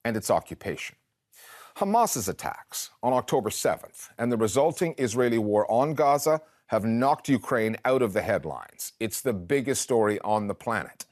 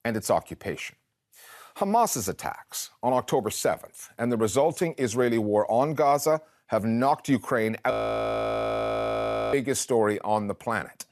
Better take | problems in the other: first | audio freezing; at 8 s for 1.5 s

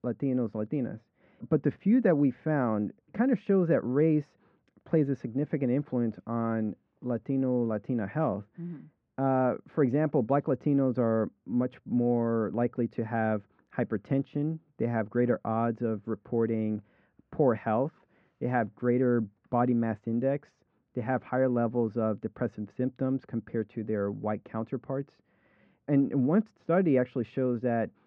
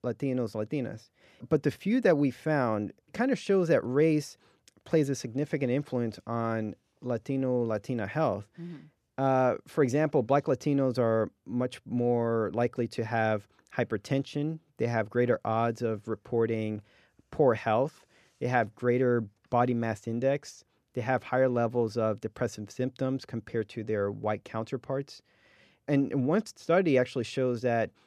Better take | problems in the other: second | muffled; very; fading above 1.5 kHz

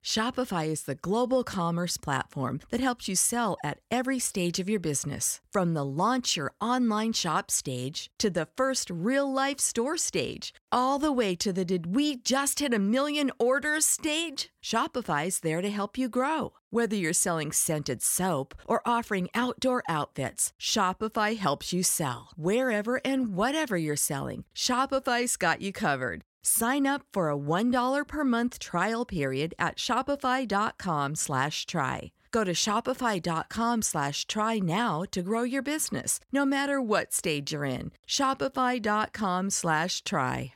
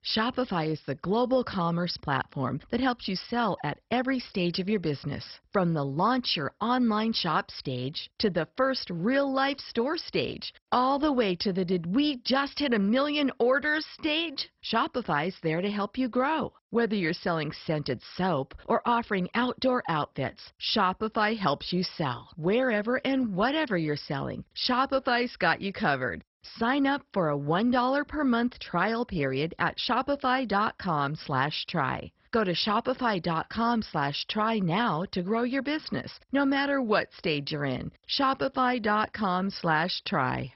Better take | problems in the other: first | garbled, watery; badly; nothing above 5.5 kHz

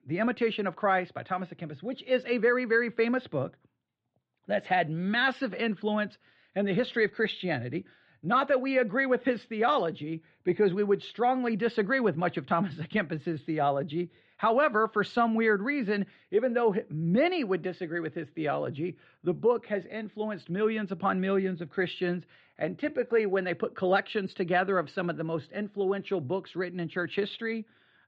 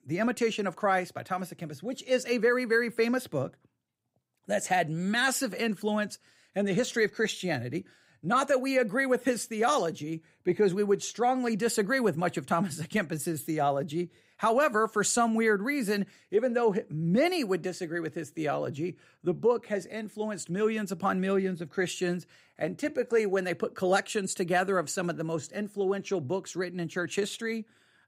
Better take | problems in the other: second | muffled; slightly; fading above 3.5 kHz

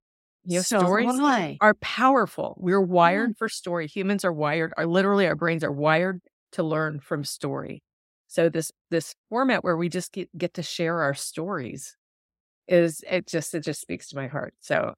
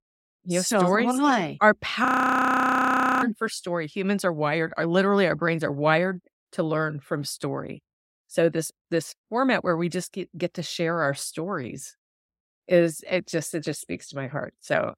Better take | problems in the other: first | audio freezing; at 2 s for 1 s

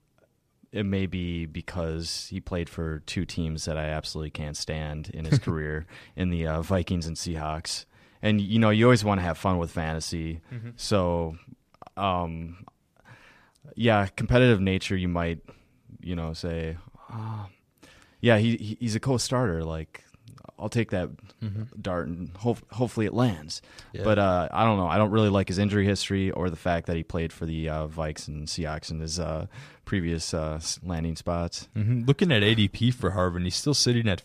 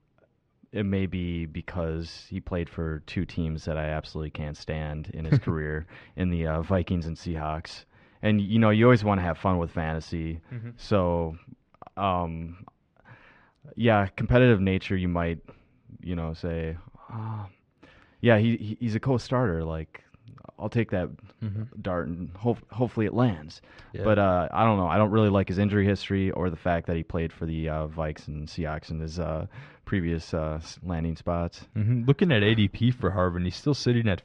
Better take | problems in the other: first | muffled; slightly; fading above 2.5 kHz

